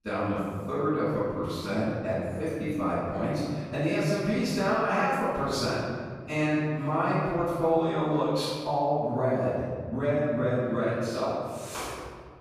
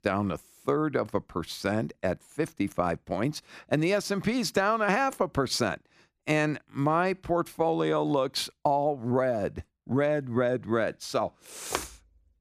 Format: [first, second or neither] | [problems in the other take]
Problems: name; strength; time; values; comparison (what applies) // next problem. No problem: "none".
second | off-mic speech; far // room echo; strong; dies away in 1.9 s